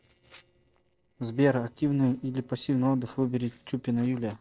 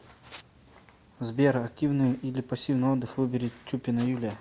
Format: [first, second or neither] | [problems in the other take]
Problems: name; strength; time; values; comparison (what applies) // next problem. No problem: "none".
second | noise reduction (neural separator model SepFormer DNS4)